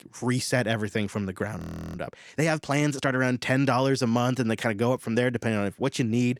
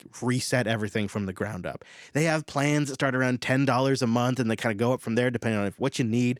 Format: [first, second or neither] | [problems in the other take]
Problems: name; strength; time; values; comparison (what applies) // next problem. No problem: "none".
second | audio freezing; at 1.5 s